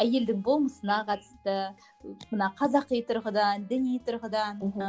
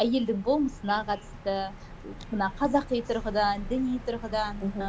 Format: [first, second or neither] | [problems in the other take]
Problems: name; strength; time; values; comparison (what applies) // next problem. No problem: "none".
first | background sound (Bird vocalization, bird call, bird song); 13 dB below the speech